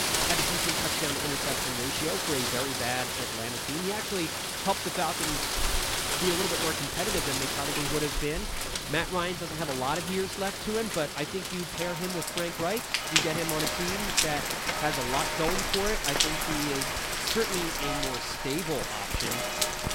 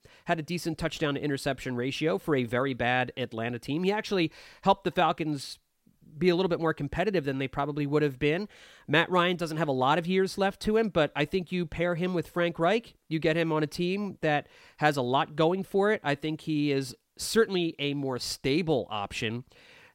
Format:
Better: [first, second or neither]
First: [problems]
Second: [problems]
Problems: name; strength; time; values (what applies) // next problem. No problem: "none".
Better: second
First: rain or running water; very loud; throughout; 4 dB above the speech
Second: none